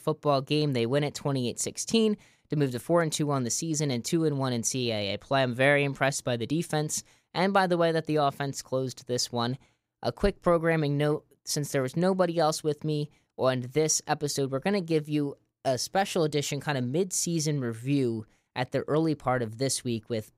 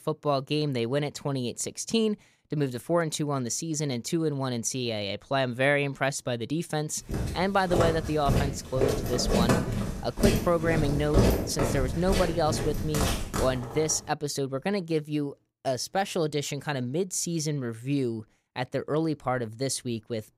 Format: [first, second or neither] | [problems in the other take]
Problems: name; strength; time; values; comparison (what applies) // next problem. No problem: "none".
first | footsteps; loud; from 7 to 14 s; peak 5 dB above the speech